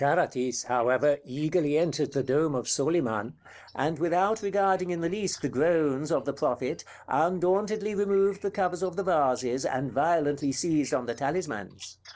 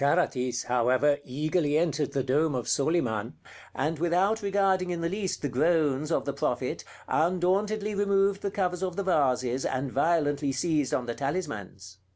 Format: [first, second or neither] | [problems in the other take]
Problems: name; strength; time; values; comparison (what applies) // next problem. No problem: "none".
second | noise reduction (neural separator model SepFormer DNS4)